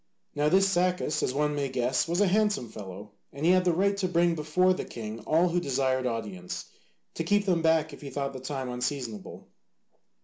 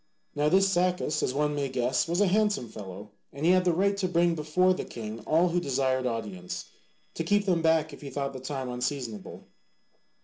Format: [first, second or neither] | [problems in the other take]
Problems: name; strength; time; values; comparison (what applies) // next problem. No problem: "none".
first | noise reduction (neural separator model SepFormer DNS4)